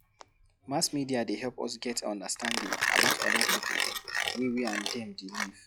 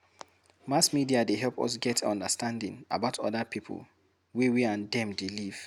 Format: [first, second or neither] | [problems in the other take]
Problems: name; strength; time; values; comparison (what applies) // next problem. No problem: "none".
second | noise reduction (classical method log-MMSE)